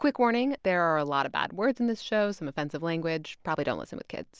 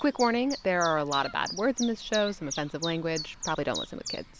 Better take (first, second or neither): first